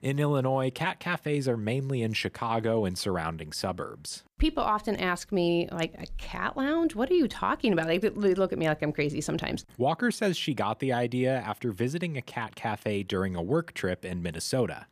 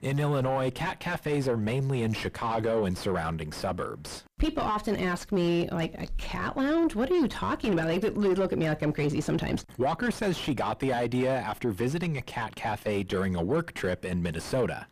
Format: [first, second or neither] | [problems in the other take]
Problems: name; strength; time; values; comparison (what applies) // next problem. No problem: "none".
first | distortion; heavy; 5 dB below the speech